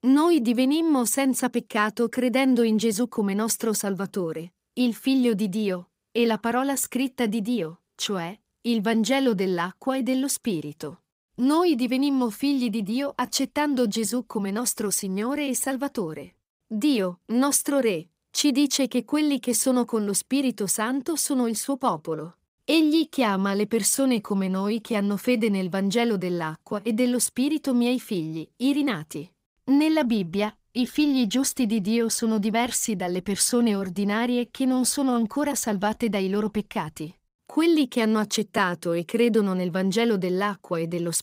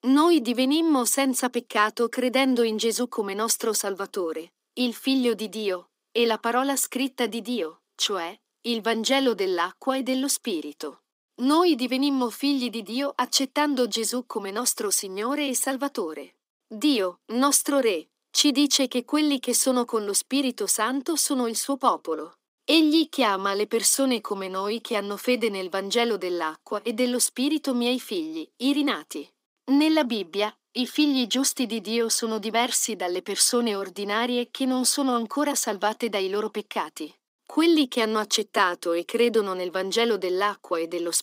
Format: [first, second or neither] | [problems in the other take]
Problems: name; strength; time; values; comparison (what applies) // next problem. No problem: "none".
first | thin; very slightly; fading below 250 Hz